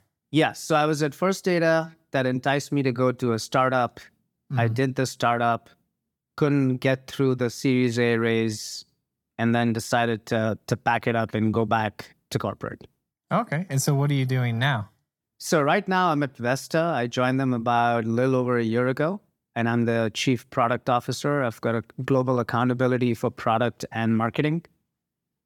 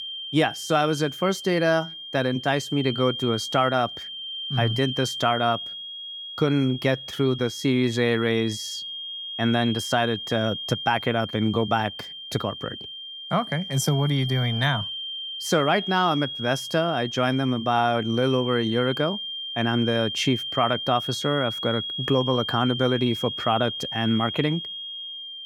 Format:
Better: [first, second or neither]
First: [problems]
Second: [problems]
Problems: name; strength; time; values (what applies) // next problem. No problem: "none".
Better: first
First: none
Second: high-pitched whine; loud; throughout; 3 kHz, 7 dB below the speech